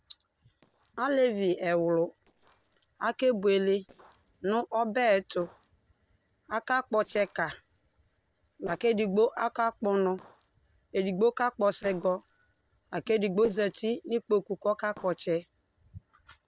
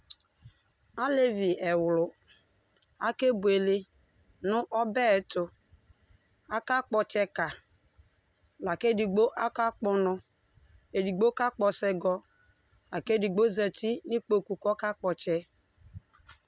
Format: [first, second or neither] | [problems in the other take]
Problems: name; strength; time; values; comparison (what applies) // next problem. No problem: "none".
second | noise reduction (neural separator model SepFormer DNS4)